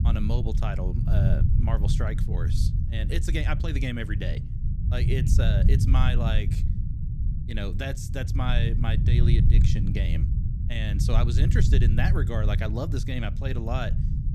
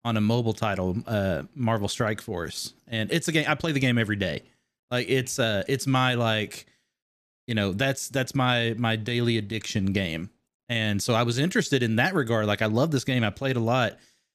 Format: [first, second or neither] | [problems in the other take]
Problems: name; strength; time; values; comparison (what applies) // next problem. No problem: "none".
second | low rumble; loud; throughout; 5 dB below the speech